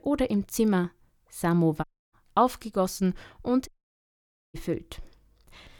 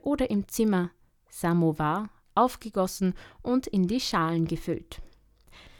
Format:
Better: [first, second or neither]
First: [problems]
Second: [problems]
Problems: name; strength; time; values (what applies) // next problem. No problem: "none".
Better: second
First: audio cutting out; at 2 s and at 3.5 s for 1 s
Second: none